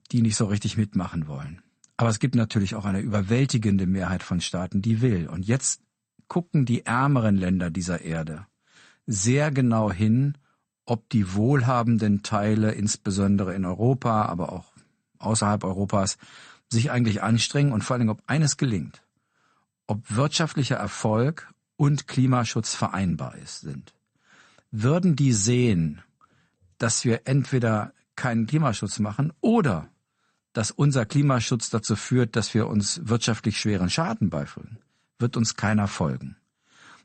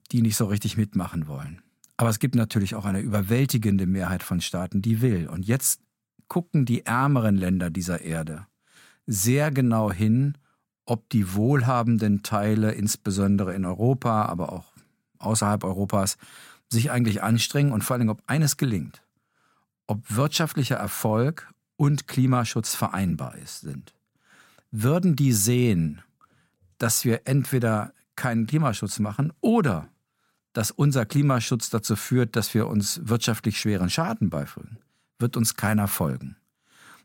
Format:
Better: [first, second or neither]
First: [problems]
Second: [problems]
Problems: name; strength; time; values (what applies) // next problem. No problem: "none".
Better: second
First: garbled, watery; slightly; nothing above 8.5 kHz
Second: none